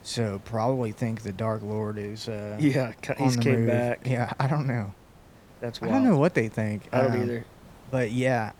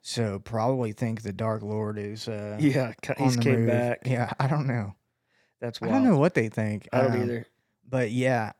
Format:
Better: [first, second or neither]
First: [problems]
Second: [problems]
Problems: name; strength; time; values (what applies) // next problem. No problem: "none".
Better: second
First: hiss; faint; throughout; 25 dB below the speech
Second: none